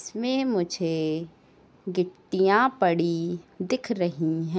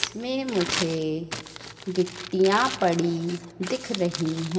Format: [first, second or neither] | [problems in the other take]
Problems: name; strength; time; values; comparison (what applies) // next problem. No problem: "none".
first | background sound (Crumpling, crinkling); 9 dB below the speech // room echo; dies away in 1.5 s